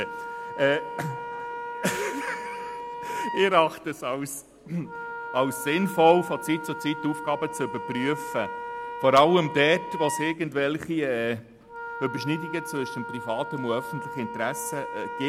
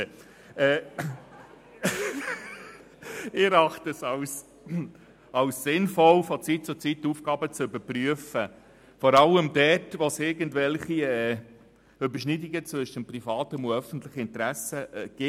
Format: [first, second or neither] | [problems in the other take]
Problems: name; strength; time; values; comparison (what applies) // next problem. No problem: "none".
second | background sound (Wind instrument, woodwind instrument); 9 dB below the speech